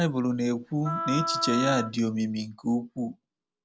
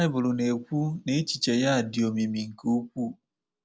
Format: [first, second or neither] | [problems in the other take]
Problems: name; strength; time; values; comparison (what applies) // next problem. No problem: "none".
second | background sound (Wind instrument, woodwind instrument); 5 dB below the speech